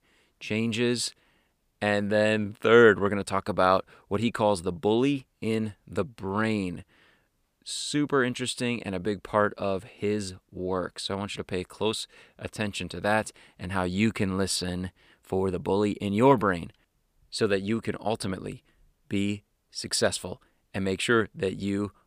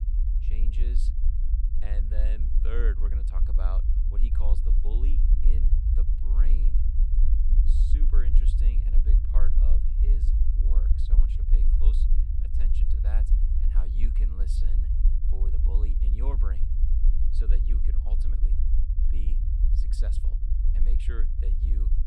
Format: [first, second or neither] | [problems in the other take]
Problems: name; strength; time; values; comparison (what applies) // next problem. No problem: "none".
first | low rumble; loud; throughout; 1 dB below the speech